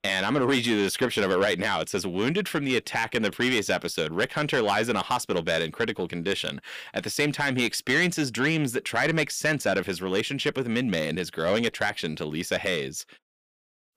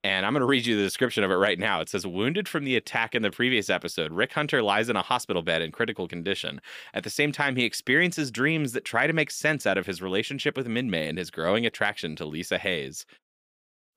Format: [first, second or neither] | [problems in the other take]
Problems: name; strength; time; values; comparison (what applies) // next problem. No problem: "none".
second | distortion; slight; 10 dB below the speech